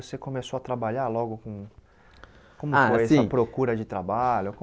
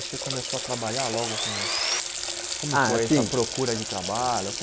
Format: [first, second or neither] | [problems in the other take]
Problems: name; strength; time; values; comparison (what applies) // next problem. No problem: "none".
first | background sound (Sawing + Water tap, faucet); 2 dB below the speech